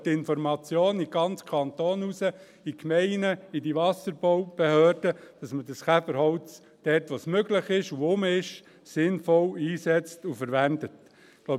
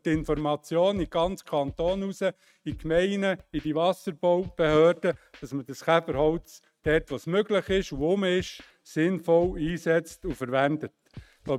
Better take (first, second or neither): first